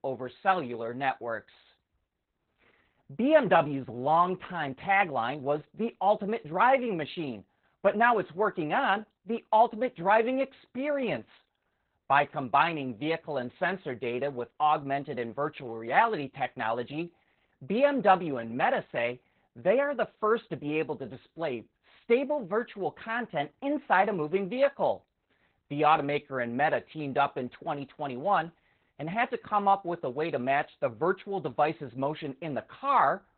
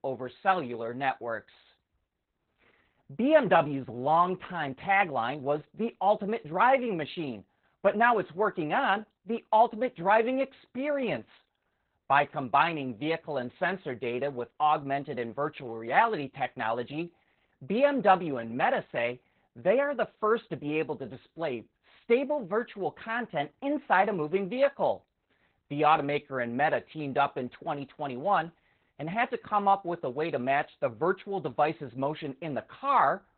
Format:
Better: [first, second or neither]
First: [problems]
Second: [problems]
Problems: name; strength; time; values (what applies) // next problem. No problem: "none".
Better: neither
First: garbled, watery; badly; nothing above 4 kHz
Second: garbled, watery; badly; nothing above 4 kHz